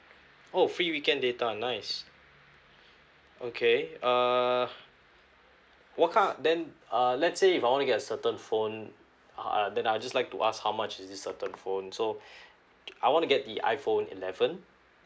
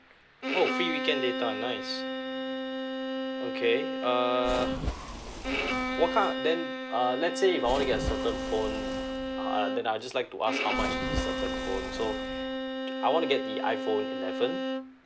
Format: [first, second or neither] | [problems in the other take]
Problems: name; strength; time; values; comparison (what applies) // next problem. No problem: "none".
first | background sound (Splash, splatter + Bowed string instrument); 1 dB below the speech